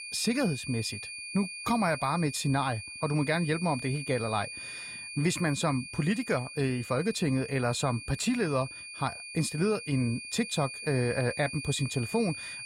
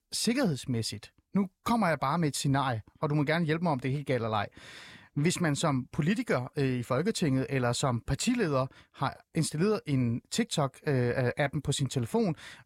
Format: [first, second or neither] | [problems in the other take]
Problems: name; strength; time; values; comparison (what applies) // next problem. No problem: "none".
second | high-pitched whine; loud; throughout; 2.5 kHz, 9 dB below the speech